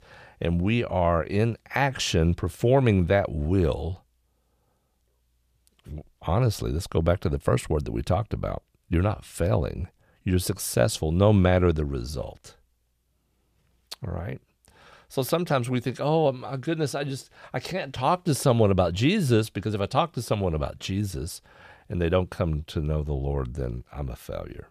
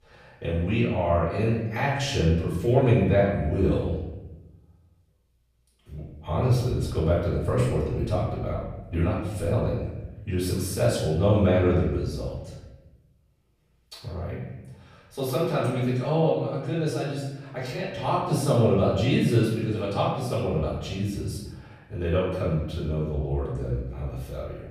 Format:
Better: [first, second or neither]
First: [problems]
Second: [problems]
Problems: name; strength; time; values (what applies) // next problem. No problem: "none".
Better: first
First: none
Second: off-mic speech; far // room echo; noticeable; dies away in 1 s